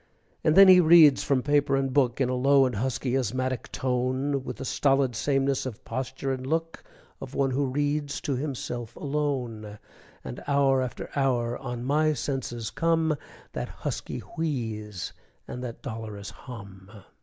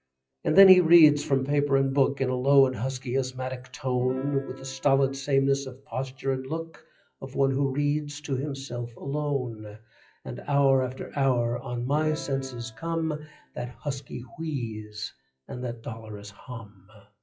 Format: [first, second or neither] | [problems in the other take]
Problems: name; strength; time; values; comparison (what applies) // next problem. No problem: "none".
first | noise reduction (classical method WPE with log-MMSE)